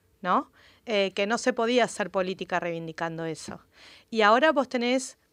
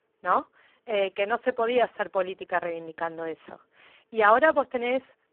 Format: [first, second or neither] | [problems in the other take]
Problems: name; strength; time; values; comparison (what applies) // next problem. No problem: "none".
first | phone-call audio; poor line